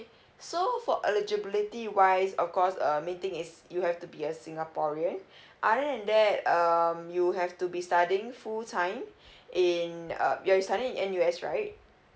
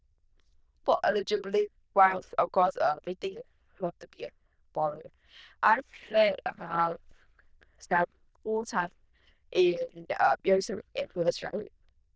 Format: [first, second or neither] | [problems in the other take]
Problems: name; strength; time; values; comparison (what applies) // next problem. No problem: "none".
first | noise reduction (neural diffusion model UNIVERSE++)